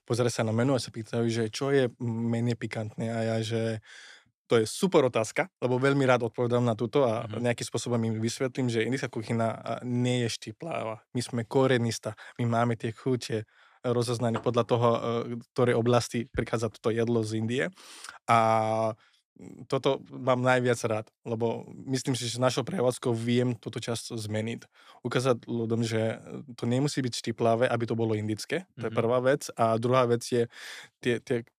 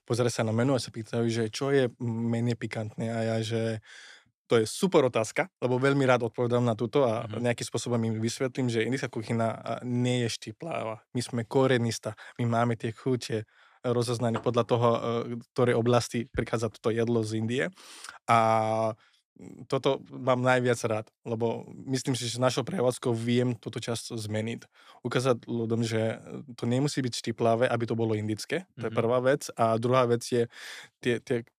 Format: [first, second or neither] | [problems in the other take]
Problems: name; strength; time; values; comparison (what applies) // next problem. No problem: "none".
neither | none